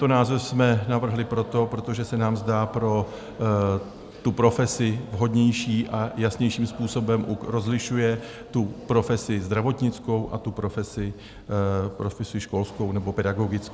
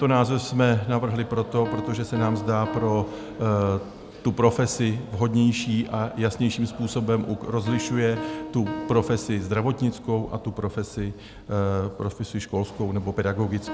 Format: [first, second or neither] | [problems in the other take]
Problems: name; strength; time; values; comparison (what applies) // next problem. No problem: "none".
first | background sound (Piano); 15 dB below the speech